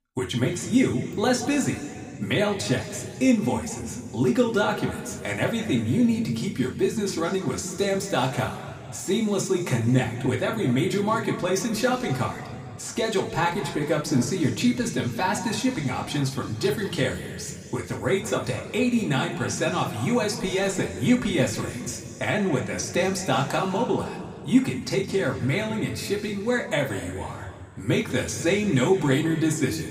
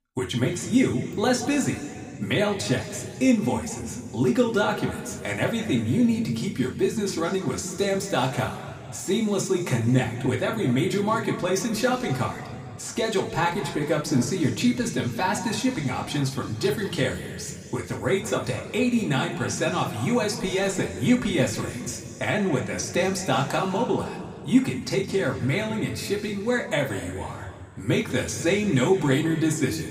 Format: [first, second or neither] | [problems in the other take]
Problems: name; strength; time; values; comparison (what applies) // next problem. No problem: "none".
neither | room echo; slight; dies away in 2.1 s; the same in both // off-mic speech; somewhat distant; the same in both